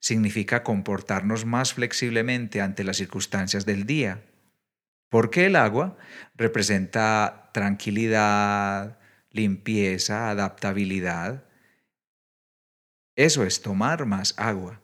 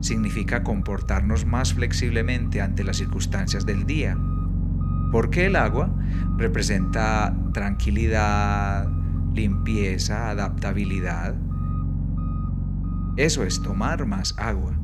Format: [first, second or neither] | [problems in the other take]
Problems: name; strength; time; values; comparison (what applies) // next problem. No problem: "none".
first | low rumble; noticeable; throughout; 10 dB below the speech